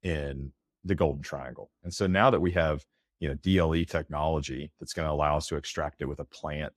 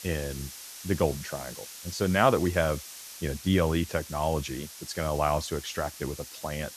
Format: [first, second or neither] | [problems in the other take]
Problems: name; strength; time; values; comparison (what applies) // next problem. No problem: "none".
first | hiss; noticeable; throughout; 10 dB below the speech